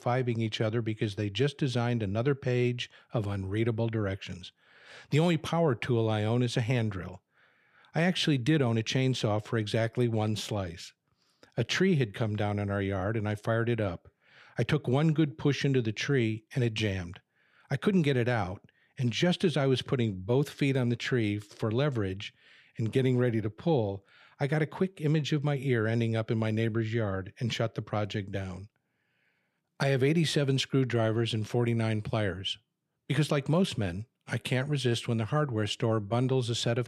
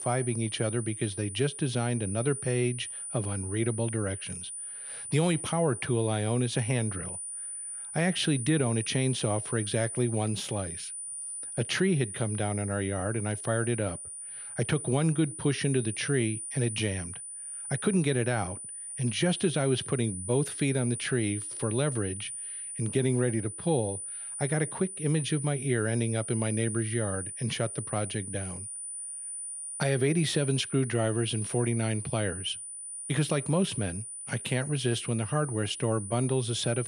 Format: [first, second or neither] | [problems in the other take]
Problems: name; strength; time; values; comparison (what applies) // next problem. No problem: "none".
first | high-pitched whine; loud; throughout; 9.5 kHz, 6 dB below the speech